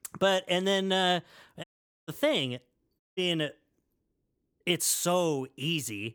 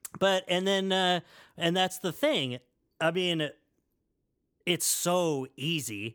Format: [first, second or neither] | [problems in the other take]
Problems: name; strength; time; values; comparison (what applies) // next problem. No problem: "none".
second | audio cutting out; at 1.5 s and at 3 s